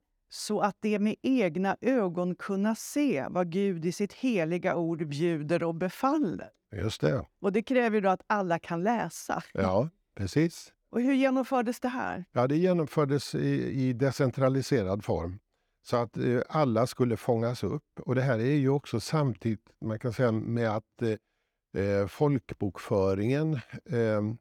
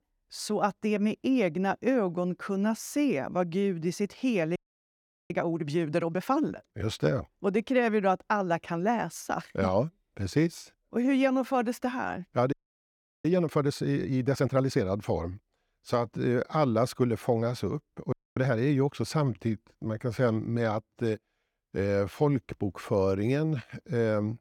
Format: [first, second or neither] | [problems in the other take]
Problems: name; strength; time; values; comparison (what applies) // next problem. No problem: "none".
first | audio freezing; at 4.5 s for 0.5 s, at 13 s for 0.5 s and at 18 s